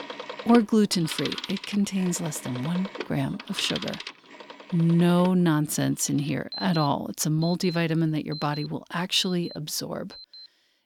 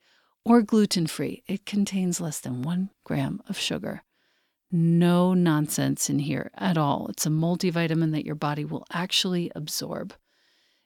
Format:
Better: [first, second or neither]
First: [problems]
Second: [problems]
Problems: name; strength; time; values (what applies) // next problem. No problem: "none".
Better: second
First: alarms or sirens; noticeable; throughout; 10 dB below the speech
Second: none